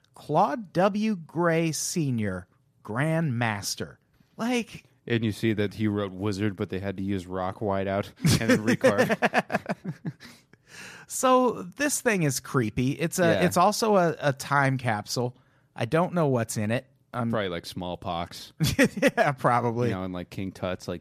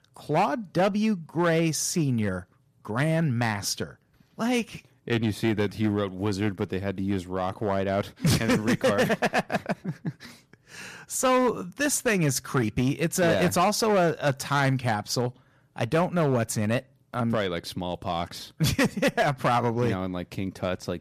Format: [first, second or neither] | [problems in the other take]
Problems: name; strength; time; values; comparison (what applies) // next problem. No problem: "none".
first | distortion; slight; 5% of the sound clipped